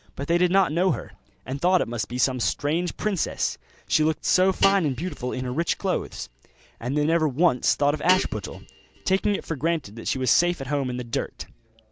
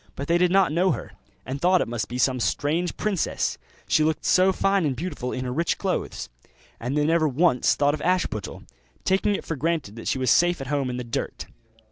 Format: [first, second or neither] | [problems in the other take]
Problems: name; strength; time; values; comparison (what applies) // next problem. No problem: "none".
second | background sound (Guitar); 12 dB below the speech